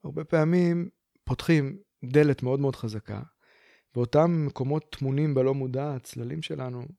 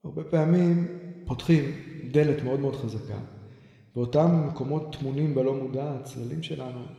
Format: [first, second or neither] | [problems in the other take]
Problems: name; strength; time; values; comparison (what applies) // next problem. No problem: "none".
first | room echo; slight; dies away in 2 s